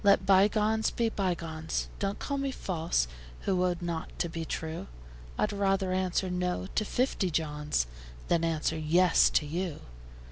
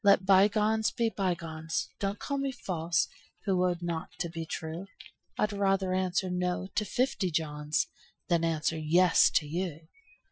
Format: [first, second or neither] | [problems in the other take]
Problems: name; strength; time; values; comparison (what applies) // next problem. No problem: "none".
first | noise reduction (classical method Wiener filter)